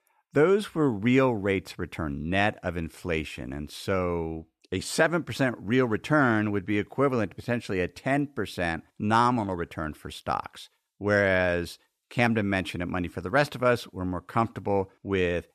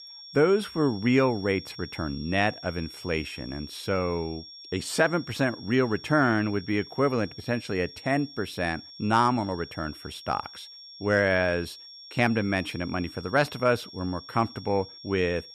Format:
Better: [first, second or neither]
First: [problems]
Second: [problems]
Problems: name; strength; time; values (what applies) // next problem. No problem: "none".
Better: first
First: none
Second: high-pitched whine; noticeable; throughout; 5.5 kHz, 15 dB below the speech